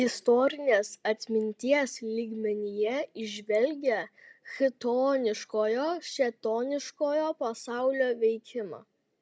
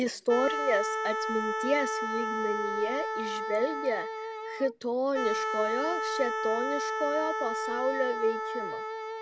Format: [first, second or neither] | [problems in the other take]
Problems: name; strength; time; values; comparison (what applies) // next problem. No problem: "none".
first | background sound (Wind instrument, woodwind instrument); 1 dB below the speech